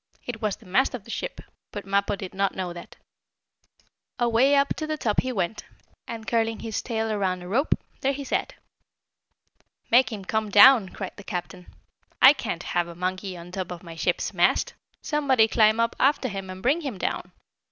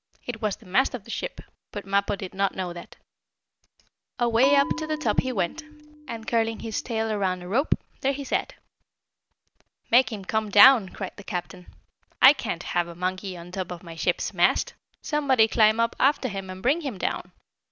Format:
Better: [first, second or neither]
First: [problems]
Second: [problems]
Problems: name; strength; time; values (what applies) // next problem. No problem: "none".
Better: first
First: none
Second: background sound (Bell); 11 dB below the speech